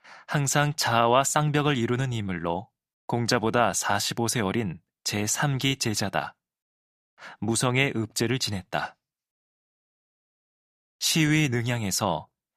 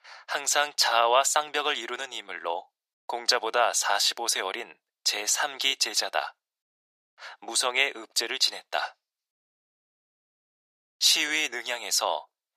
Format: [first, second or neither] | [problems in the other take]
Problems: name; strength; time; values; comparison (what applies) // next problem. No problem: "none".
first | thin; very; fading below 500 Hz